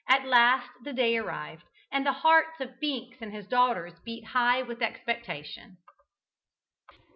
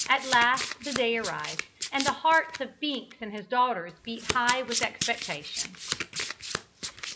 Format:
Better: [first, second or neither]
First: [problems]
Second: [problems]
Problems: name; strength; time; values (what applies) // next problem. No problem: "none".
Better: first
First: none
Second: background sound (Domestic sounds, home sounds); 7 dB below the speech